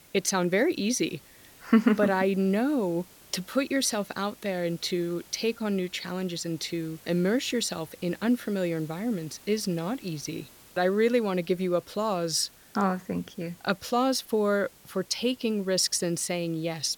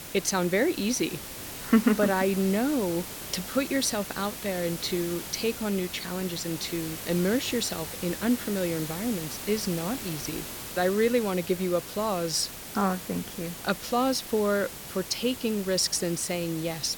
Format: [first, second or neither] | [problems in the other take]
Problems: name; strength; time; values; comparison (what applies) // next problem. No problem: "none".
first | hiss; loud; throughout; 9 dB below the speech; faint in the first